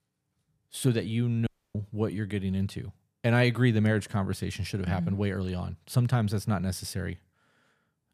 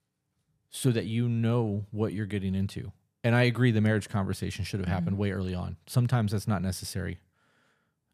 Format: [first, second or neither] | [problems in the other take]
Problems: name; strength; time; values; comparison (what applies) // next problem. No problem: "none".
second | audio cutting out; at 1.5 s